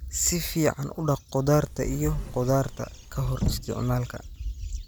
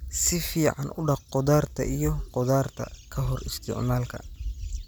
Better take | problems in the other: second | background sound (Sliding door / Slam / Wood); 8 dB below the speech

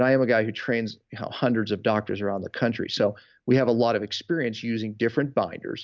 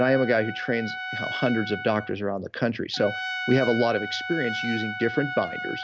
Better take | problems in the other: first | background sound (Trumpet); 7 dB below the speech

